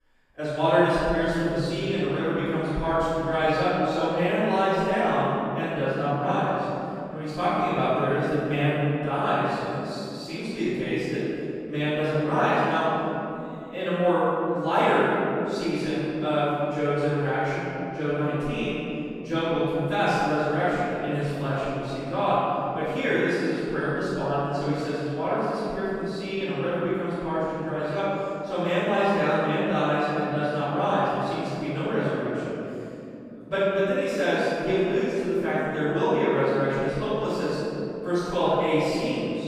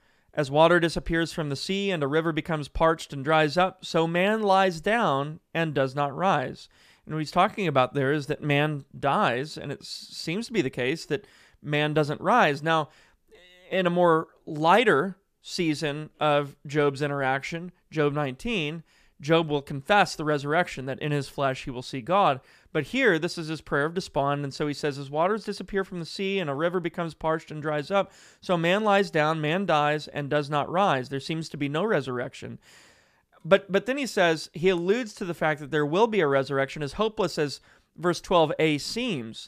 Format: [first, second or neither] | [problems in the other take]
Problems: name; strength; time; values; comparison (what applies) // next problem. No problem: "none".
second | off-mic speech; far // room echo; strong; dies away in 3 s